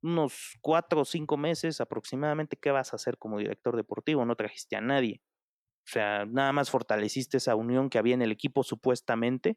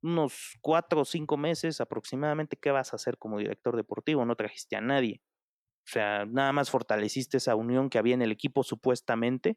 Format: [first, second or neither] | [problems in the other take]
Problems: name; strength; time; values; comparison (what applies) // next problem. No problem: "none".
neither | none